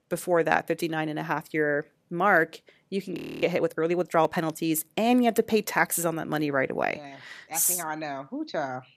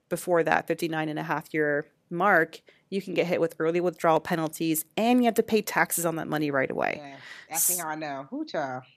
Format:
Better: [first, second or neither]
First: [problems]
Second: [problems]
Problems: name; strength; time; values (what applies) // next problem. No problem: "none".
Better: second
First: audio freezing; at 3 s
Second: none